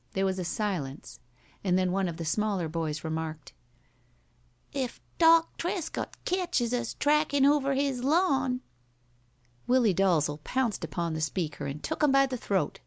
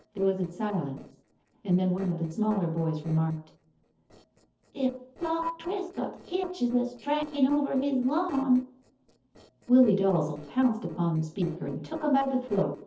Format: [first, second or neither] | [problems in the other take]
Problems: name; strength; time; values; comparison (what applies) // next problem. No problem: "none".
first | noise reduction (neural separator model SepFormer DNS4)